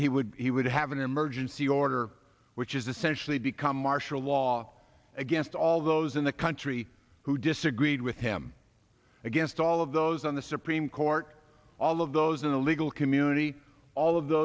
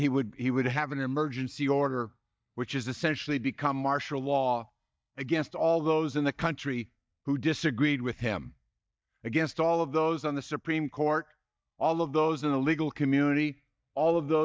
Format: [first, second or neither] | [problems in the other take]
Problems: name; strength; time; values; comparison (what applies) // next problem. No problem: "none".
first | noise reduction (neural mask model DeepFilterNet 3)